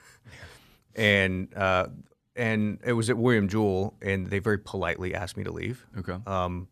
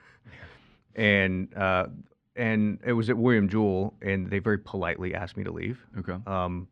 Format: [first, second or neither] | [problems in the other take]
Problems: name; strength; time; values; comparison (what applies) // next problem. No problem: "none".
first | muffled; slightly; fading above 2.5 kHz